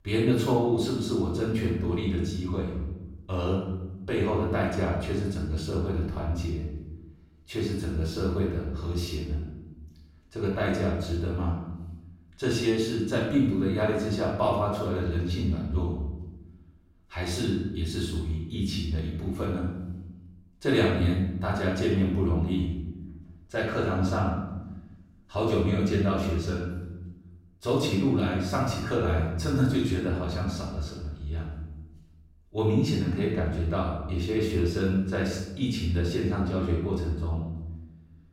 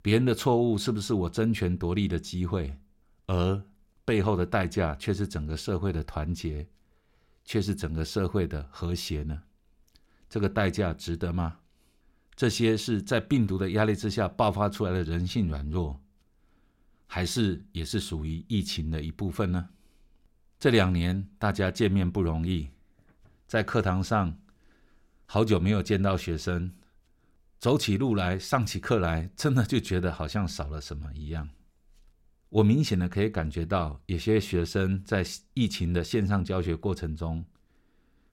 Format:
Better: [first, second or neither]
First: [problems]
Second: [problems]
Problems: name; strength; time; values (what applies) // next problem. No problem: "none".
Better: second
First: room echo; noticeable; dies away in 0.9 s // off-mic speech; far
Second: none